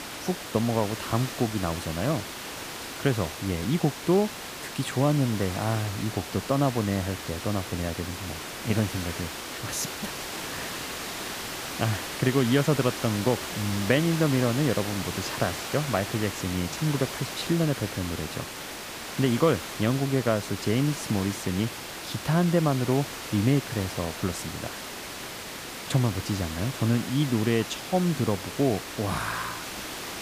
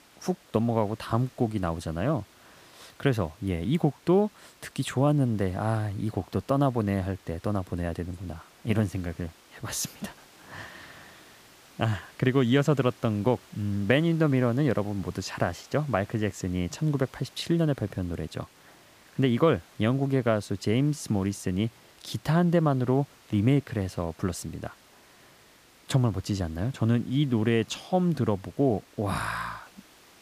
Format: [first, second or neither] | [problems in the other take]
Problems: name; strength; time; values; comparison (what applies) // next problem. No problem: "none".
second | hiss; loud; throughout; 7 dB below the speech; faint in the second